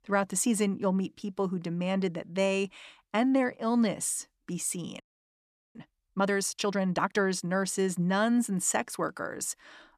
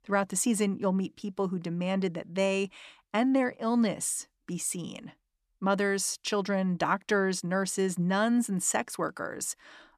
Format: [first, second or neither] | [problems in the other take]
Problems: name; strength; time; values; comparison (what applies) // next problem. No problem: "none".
second | audio freezing; at 5 s for 1 s